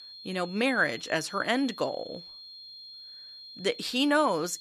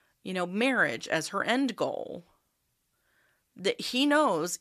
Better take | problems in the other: second | high-pitched whine; noticeable; throughout; 4 kHz, 15 dB below the speech

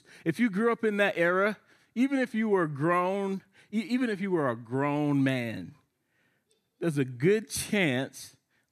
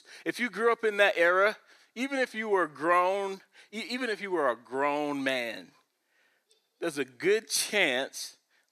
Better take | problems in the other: first | thin; somewhat; fading below 550 Hz

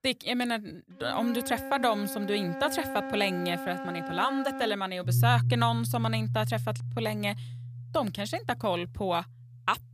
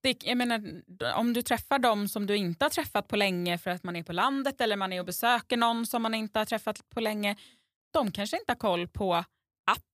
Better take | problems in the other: second | background music; loud; throughout; 4 dB below the speech

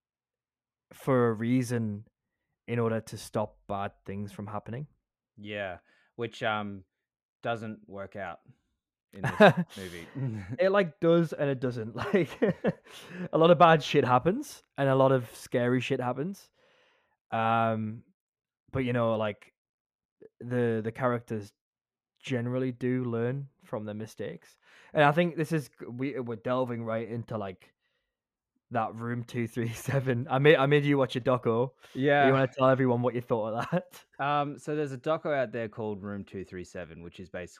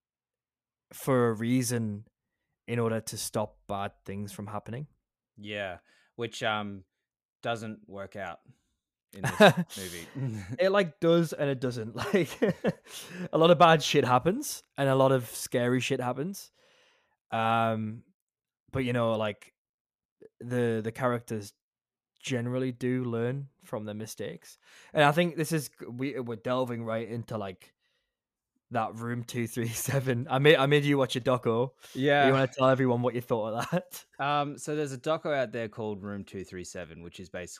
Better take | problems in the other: second | muffled; slightly; fading above 3.5 kHz

